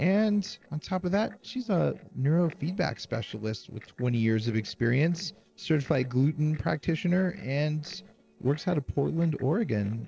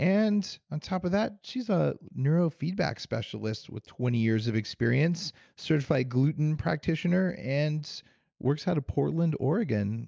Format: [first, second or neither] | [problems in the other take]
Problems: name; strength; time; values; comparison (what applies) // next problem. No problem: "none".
second | noise reduction (neural separator model SepFormer DNS4)